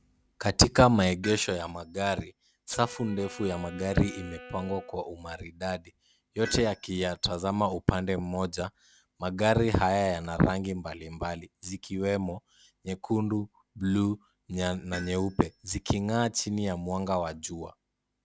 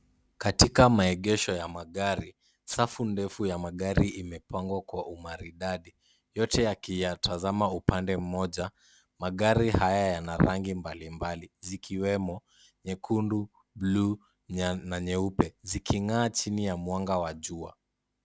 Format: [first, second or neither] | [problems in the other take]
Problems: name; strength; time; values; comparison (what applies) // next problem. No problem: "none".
second | background sound (Tools + Wind instrument, woodwind instrument); 19 dB below the speech